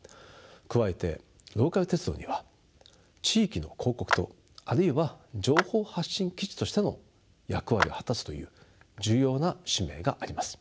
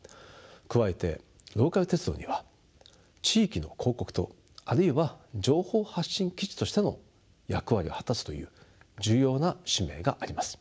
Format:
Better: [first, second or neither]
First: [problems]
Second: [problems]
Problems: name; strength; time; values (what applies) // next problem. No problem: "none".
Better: second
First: background sound (Clapping); 6 dB below the speech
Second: none